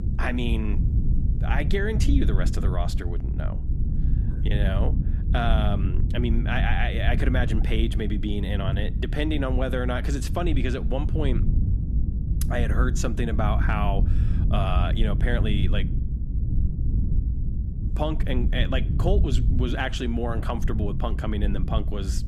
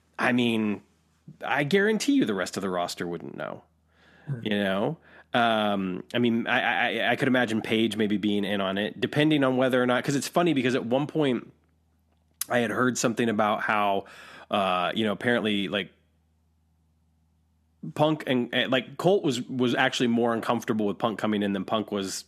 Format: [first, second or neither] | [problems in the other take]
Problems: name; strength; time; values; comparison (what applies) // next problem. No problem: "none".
second | low rumble; loud; throughout; 9 dB below the speech